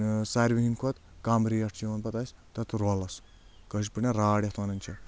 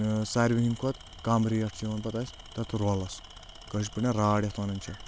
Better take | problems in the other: first | background sound (Tools); 18 dB below the speech

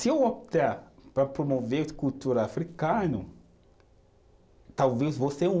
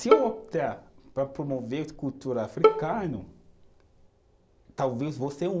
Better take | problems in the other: first | background sound (Bowed string instrument); 4 dB above the speech

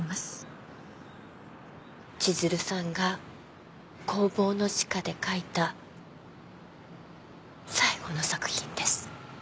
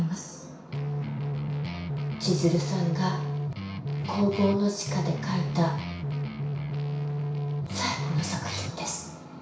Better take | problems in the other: first | background sound (Guitar); as loud as the speech // room echo; dies away in 0.6 s

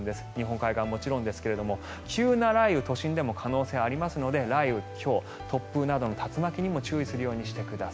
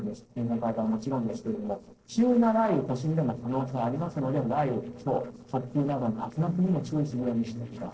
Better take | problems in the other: first | noise reduction (neural separator model SepFormer DNS4)

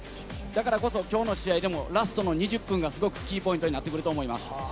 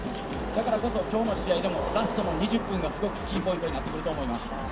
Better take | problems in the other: first | background sound (Wind / Rain); 4 dB below the speech // room echo; dies away in 0.3 s

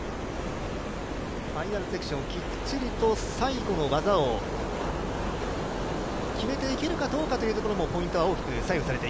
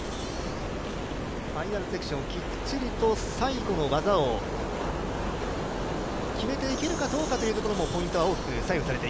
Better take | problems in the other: first | background sound (Sink (filling or washing)); 18 dB below the speech

